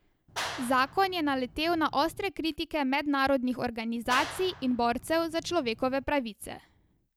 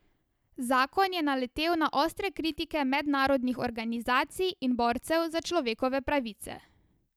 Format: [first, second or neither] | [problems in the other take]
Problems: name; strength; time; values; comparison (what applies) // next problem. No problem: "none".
second | background sound (Clapping); 12 dB below the speech